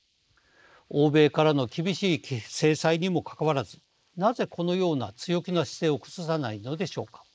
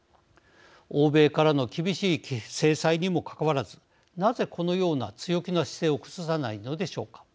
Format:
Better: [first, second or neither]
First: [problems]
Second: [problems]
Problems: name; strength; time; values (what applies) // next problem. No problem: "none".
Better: second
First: noise reduction (neural mask model Resemble Enhance denoiser)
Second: none